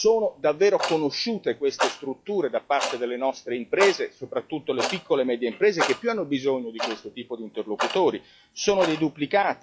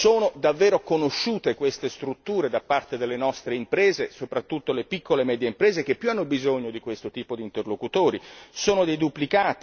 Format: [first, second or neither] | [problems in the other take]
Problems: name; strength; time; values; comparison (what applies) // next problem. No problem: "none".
second | noise reduction (classical method log-MMSE)